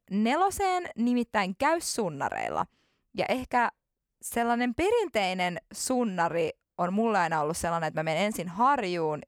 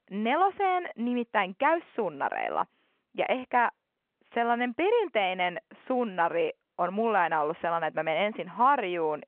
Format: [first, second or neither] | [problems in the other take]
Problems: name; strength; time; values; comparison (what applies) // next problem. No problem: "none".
first | phone-call audio